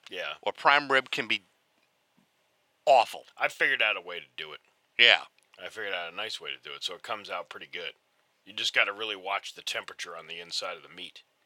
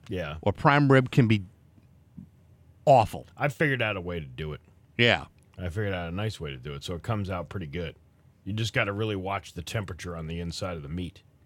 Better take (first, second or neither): second